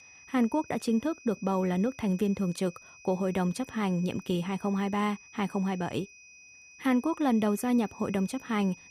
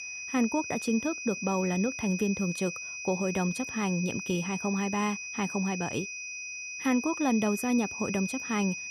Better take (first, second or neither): first